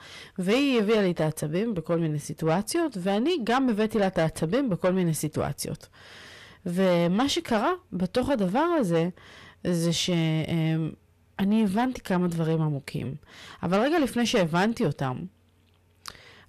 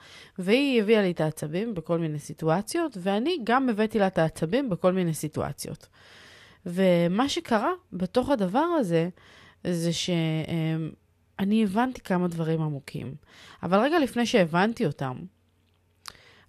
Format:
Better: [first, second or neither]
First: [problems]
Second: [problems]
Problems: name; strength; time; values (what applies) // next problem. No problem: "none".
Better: second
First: distortion; slight; 10 dB below the speech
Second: none